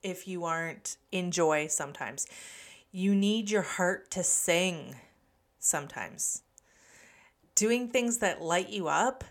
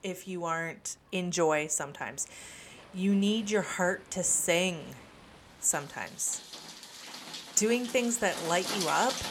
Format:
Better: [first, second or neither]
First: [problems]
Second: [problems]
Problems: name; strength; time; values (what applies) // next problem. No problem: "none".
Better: first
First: none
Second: rain or running water; noticeable; throughout; 10 dB below the speech